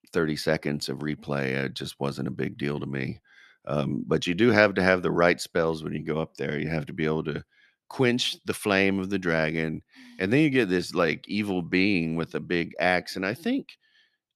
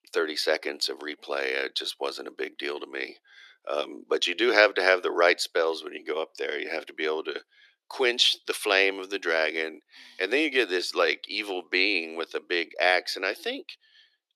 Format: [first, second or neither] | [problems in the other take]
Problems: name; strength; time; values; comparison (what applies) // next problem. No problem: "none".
first | thin; very; fading below 350 Hz